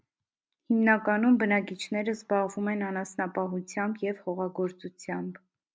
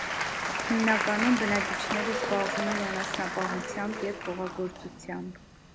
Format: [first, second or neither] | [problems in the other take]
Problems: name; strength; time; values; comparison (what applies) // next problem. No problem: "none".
first | background sound (Applause / Crowd); 1 dB below the speech